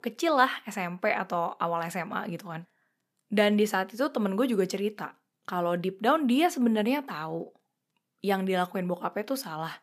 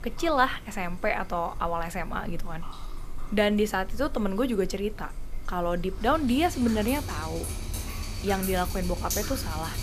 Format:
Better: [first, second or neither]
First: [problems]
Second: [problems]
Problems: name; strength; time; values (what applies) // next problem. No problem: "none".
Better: first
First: none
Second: rain or running water; loud; throughout; 9 dB below the speech